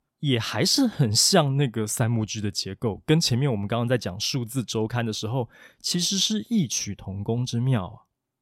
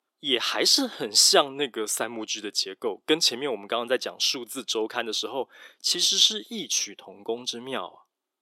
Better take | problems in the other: first | thin; very; fading below 350 Hz

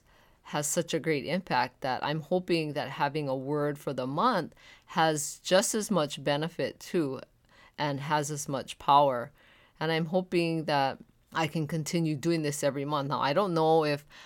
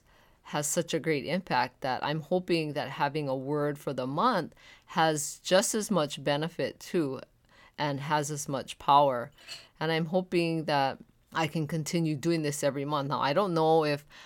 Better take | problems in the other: first | clattering dishes; faint; at 9.5 s; peak 15 dB below the speech

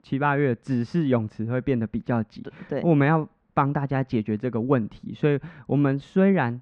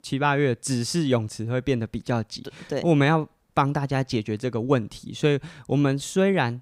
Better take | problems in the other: second | muffled; very; fading above 2 kHz

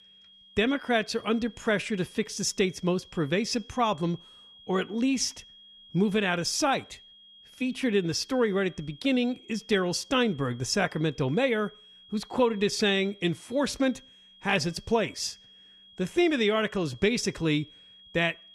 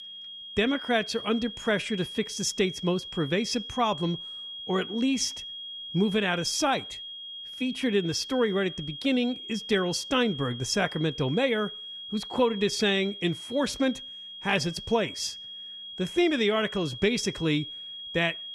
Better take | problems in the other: first | high-pitched whine; loud; throughout; 3.5 kHz, 10 dB below the speech; faint in the first

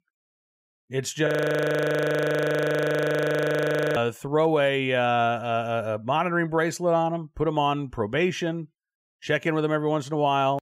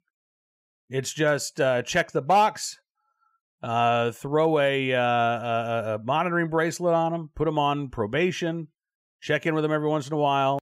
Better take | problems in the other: second | audio freezing; at 1.5 s for 2.5 s

